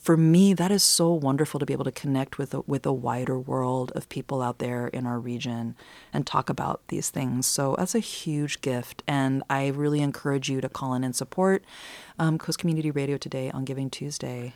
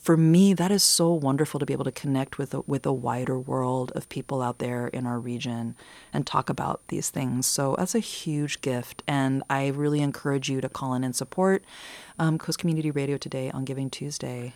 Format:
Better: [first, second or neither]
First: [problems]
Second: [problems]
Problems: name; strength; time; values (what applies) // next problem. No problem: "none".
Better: first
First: none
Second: high-pitched whine; faint; throughout; 9 kHz, 30 dB below the speech